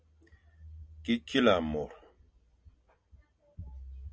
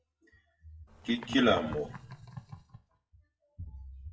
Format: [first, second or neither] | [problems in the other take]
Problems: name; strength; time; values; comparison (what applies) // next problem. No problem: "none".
first | noise reduction (classical method WPE with log-MMSE)